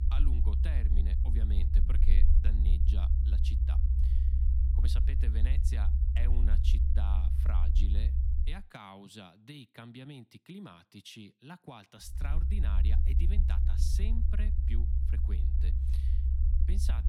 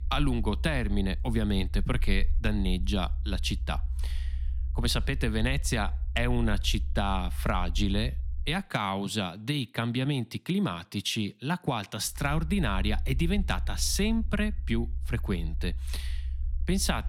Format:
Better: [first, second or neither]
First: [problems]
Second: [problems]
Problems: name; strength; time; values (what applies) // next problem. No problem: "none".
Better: second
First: low rumble; loud; until 8.5 s and from 12 s on; as loud as the speech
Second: low rumble; faint; until 8.5 s and from 12 s on; 25 dB below the speech